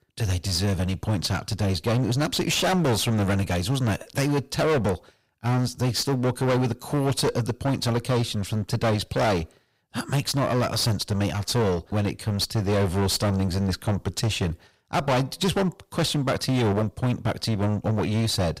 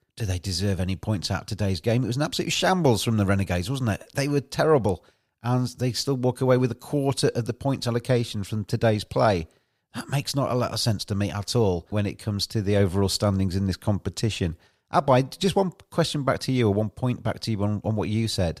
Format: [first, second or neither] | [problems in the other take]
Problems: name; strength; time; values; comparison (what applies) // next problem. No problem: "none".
second | distortion; heavy; 20% of the sound clipped